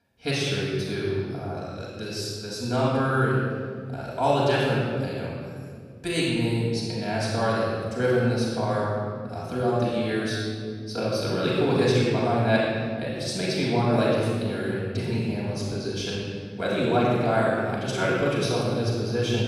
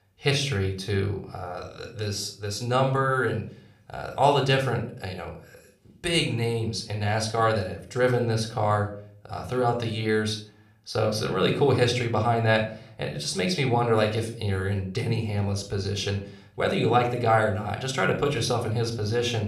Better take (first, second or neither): second